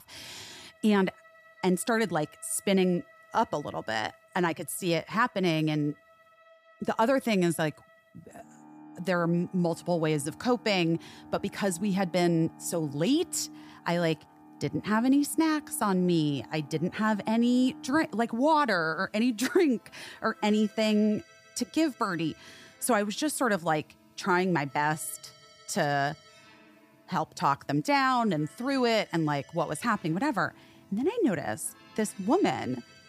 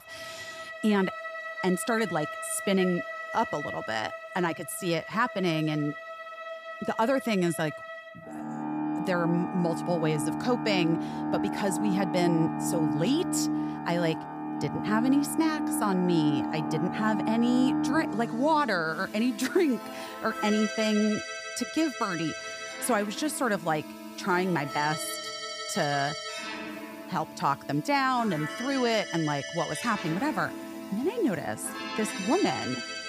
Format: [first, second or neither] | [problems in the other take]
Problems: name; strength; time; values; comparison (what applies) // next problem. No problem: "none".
first | background music; loud; throughout; 5 dB below the speech; faint in the first